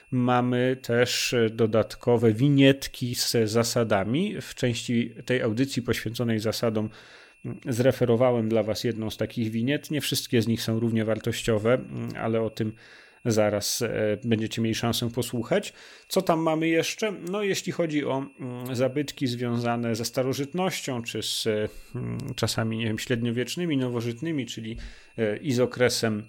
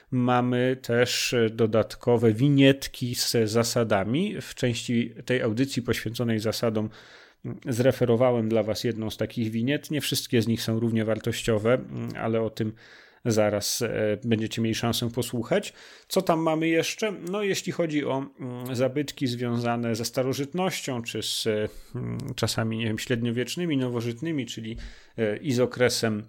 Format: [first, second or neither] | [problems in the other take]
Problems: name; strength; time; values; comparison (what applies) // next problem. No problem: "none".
second | high-pitched whine; faint; throughout; 2.5 kHz, 30 dB below the speech